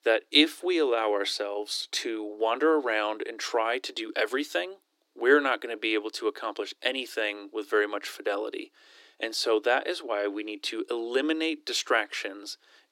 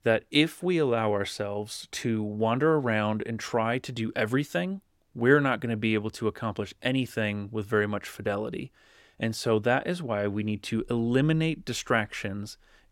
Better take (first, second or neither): second